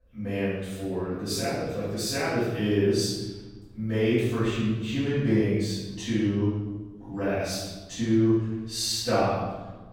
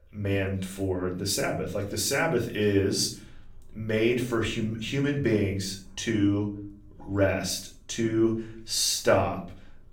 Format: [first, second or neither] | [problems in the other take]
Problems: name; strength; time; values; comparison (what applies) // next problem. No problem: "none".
second | room echo; strong; dies away in 1.2 s; slight in the second // off-mic speech; far; far in the second